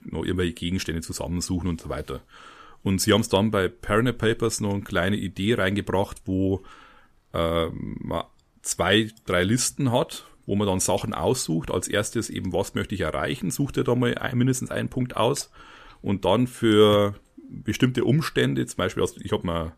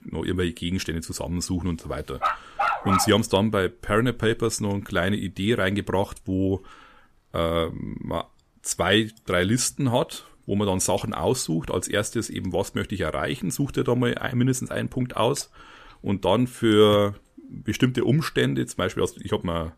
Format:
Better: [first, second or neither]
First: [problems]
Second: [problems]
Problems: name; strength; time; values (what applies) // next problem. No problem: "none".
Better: first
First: none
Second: dog barking; loud; at 2 s; peak 2 dB above the speech